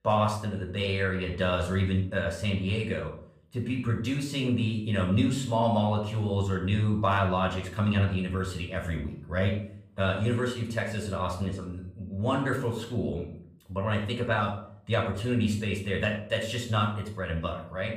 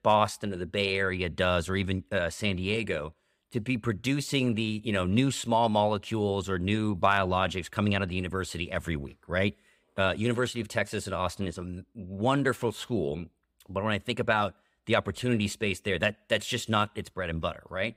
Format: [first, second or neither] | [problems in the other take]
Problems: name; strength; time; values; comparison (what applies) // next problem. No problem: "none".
second | off-mic speech; somewhat distant // room echo; slight; dies away in 0.5 s